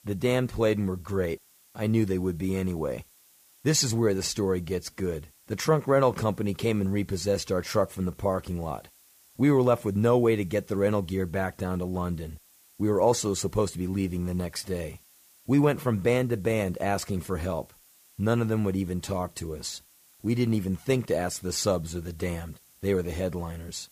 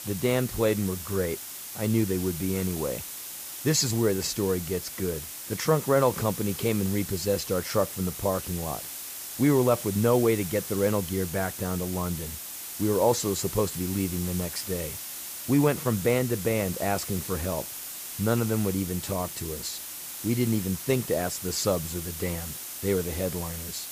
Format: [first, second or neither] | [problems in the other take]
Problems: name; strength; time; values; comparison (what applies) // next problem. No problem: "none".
first | hiss; loud; throughout; 7 dB below the speech; faint in the first